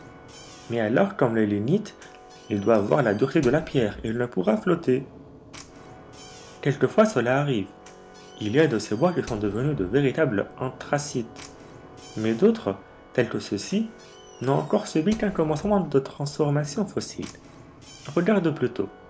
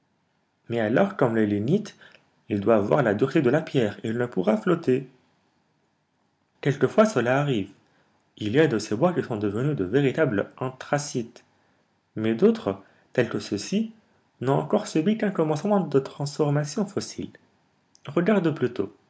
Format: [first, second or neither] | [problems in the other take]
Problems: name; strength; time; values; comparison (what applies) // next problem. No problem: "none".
second | background sound (Knock / Slam + Organ); 20 dB below the speech